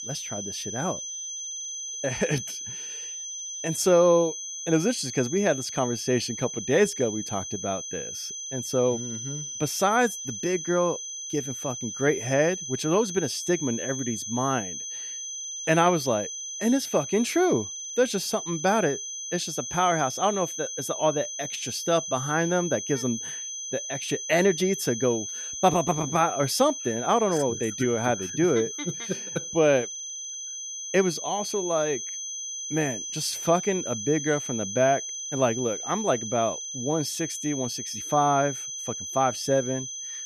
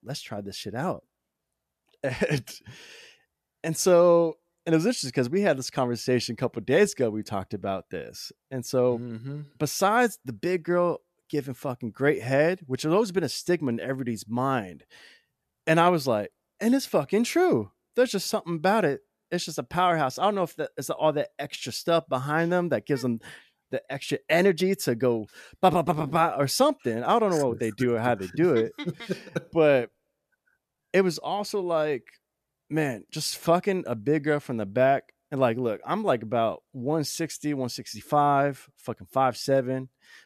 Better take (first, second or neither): second